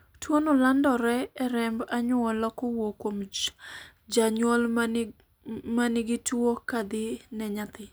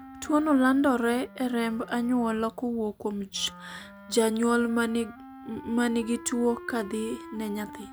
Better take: first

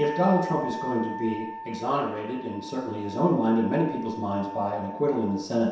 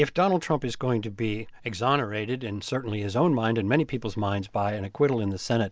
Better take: second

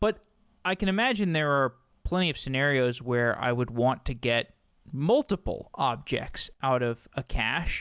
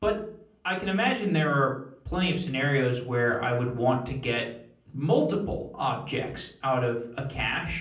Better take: first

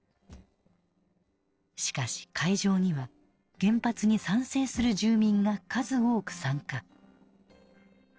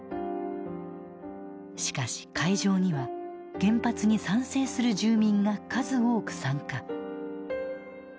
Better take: second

